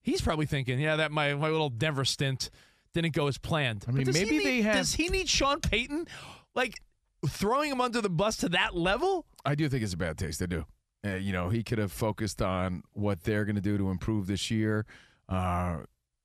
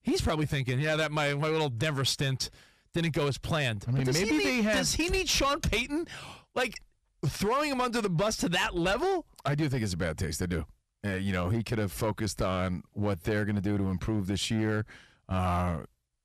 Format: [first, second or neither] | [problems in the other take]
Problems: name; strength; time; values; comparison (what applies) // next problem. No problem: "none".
first | distortion; slight; 8% of the sound clipped